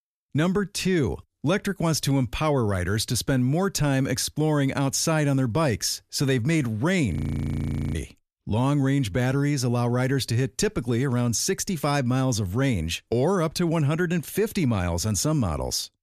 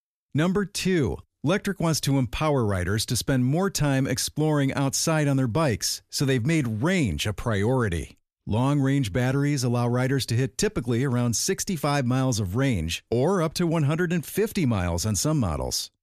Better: second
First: audio freezing; at 7 s for 1 s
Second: none

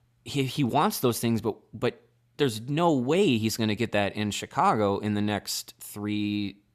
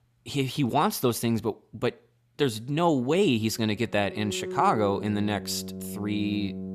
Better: first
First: none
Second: background music; loud; from 4 s on; 10 dB below the speech

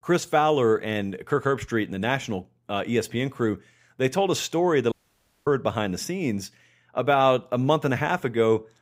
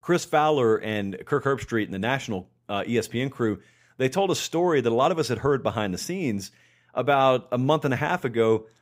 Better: second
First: audio cutting out; at 5 s for 0.5 s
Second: none

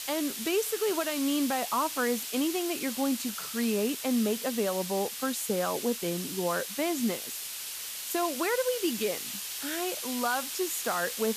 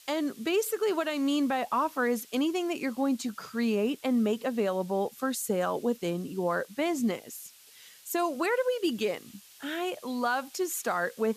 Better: second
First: hiss; loud; throughout; 4 dB below the speech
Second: hiss; faint; throughout; 20 dB below the speech

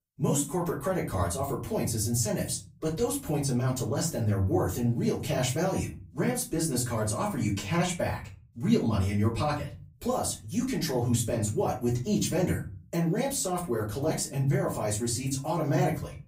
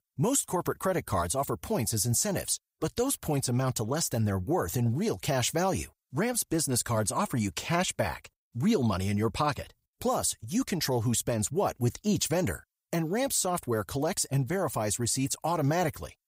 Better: second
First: room echo; slight; dies away in 0.4 s // off-mic speech; far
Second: none

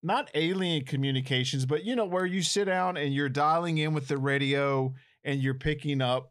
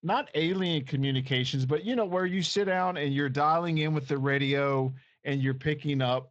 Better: first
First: none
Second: garbled, watery; slightly; nothing above 7.5 kHz

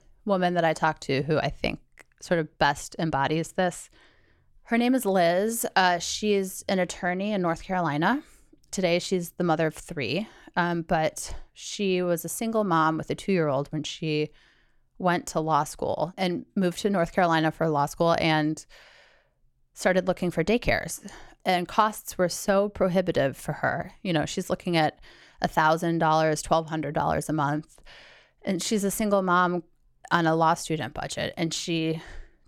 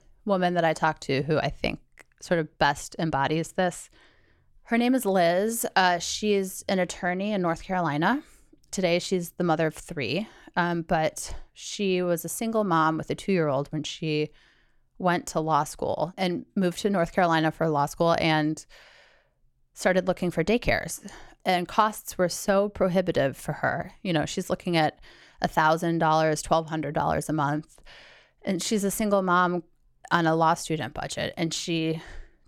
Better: neither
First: none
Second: none

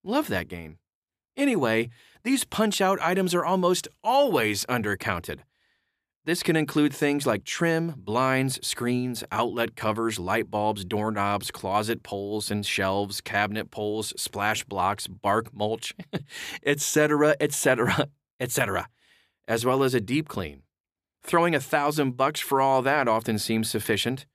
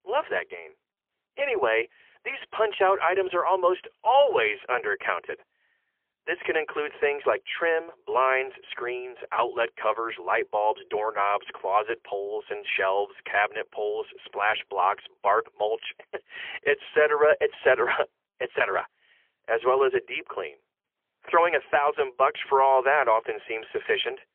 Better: first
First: none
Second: phone-call audio; poor line; nothing above 3.5 kHz

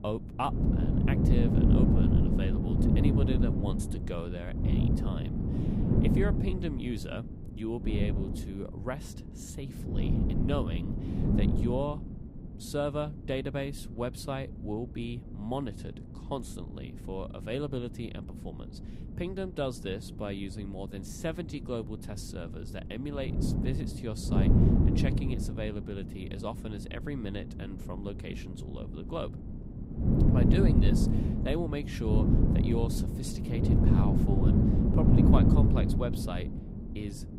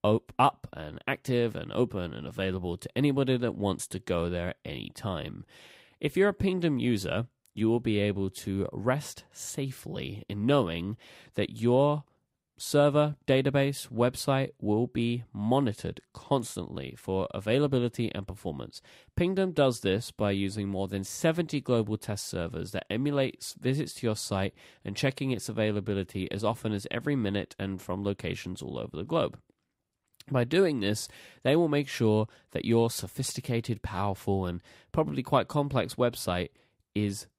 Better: second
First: wind noise on the microphone; heavy; 2 dB above the speech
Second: none

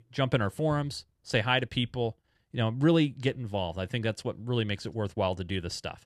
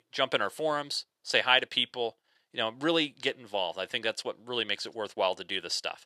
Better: first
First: none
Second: thin; very; fading below 500 Hz

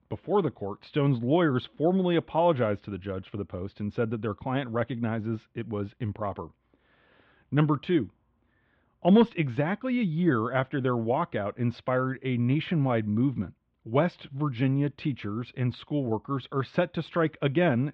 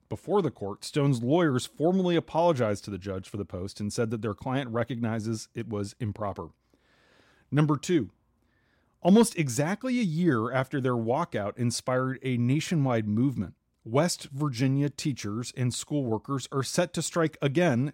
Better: second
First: muffled; very; fading above 3.5 kHz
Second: none

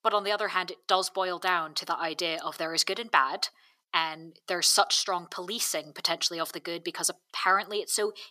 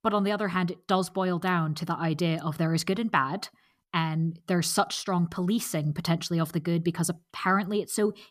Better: second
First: thin; very; fading below 450 Hz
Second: none

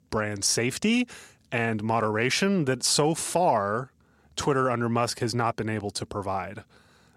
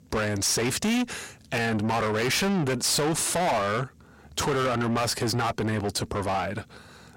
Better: first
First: none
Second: distortion; heavy; 5 dB below the speech

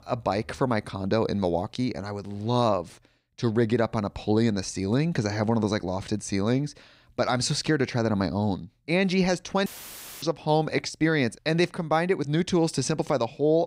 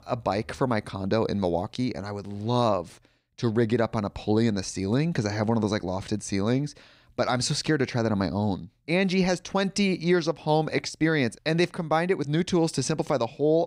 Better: second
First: audio cutting out; filled with static; at 9.5 s for 0.5 s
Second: none

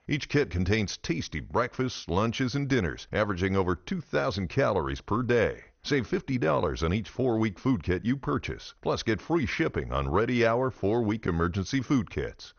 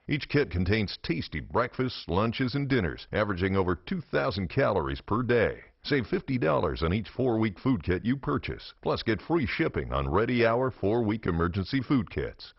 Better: first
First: garbled, watery; slightly; nothing above 6.5 kHz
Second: garbled, watery; badly; nothing above 5.5 kHz

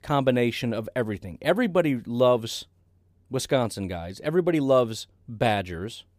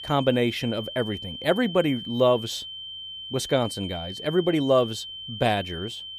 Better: first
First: none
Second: high-pitched whine; loud; throughout; 3 kHz, 10 dB below the speech

